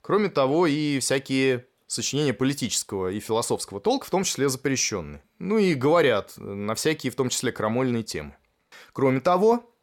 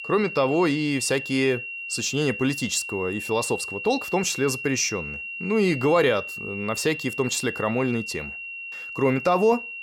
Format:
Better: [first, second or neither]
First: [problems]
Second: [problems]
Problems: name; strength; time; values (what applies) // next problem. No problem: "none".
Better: first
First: none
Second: high-pitched whine; loud; throughout; 2.5 kHz, 8 dB below the speech